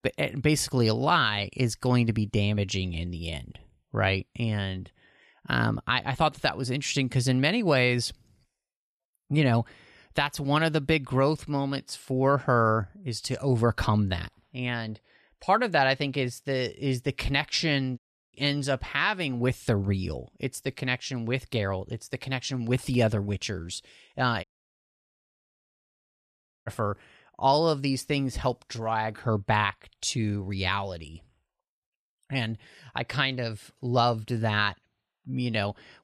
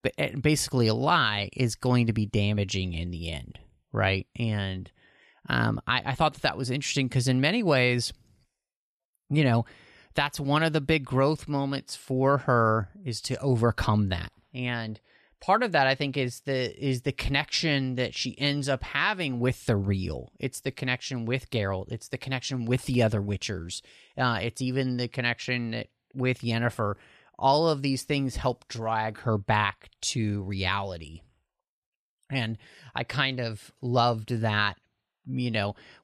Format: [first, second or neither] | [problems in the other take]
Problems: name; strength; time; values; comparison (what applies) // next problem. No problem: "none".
second | audio cutting out; at 18 s and at 24 s for 2 s